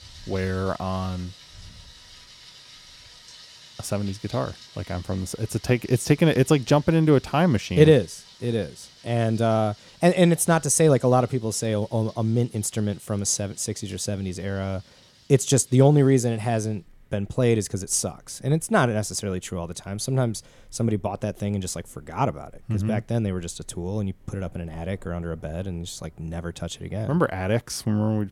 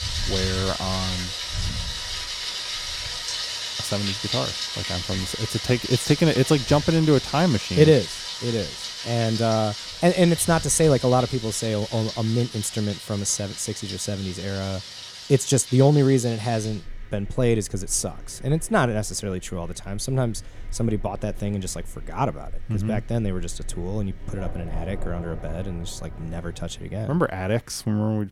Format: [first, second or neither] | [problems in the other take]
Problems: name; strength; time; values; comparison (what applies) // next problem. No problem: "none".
first | rain or running water; loud; throughout; 7 dB below the speech; faint in the first